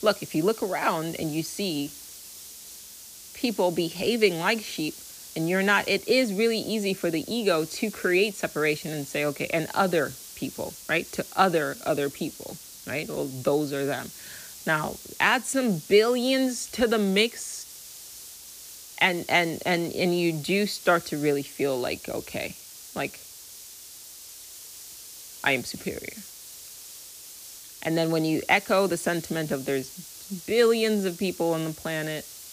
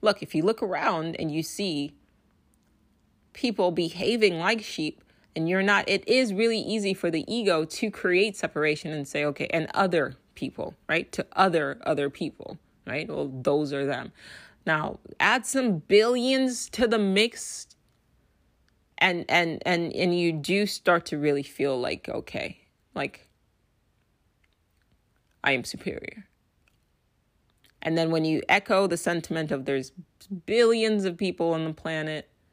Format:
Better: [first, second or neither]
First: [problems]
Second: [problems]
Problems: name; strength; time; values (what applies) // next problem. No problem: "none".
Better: second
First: hiss; noticeable; throughout; 15 dB below the speech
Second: none